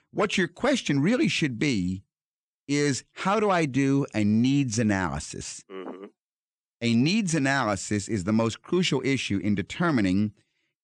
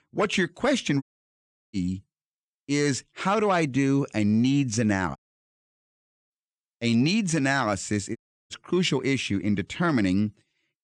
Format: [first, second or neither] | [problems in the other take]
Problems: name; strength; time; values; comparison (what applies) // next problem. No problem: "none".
first | audio cutting out; at 1 s for 0.5 s, at 5 s for 1 s and at 8 s